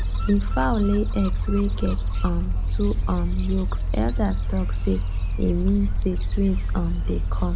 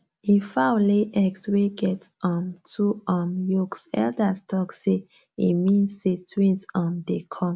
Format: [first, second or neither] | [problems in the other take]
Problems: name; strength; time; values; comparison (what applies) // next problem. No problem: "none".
second | background sound (Gull, seagull); 3 dB above the speech